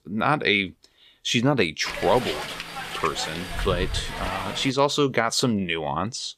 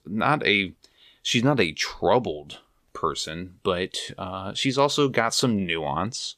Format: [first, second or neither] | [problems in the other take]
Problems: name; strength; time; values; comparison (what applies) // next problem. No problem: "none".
second | hiss; loud; from 2 to 4.5 s; 8 dB below the speech